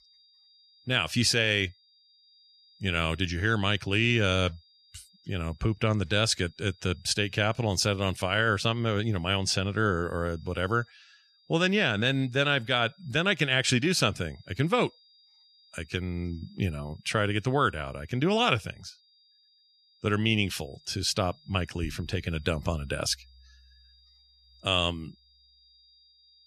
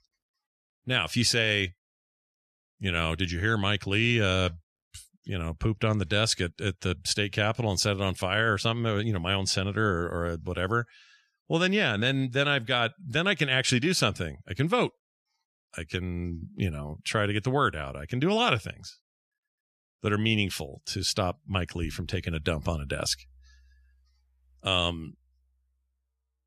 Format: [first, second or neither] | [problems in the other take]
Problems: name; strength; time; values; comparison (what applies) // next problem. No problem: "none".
second | high-pitched whine; faint; throughout; 4.5 kHz, 30 dB below the speech